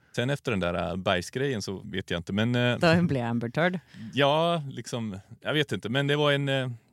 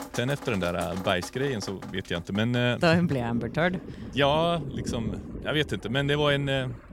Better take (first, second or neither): first